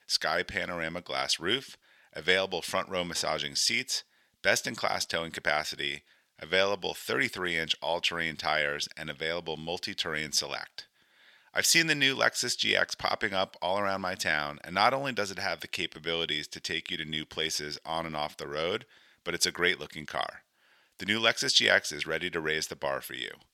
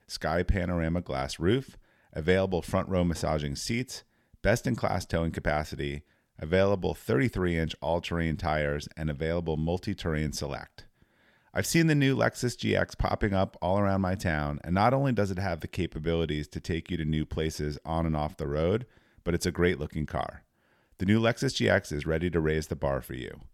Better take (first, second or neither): second